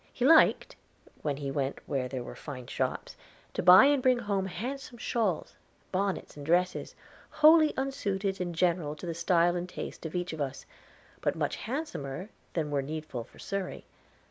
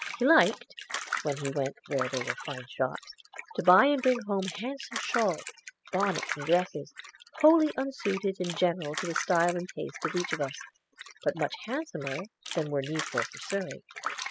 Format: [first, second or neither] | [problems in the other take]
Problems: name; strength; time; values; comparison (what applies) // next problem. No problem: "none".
first | noise reduction (classical method spectral subtraction)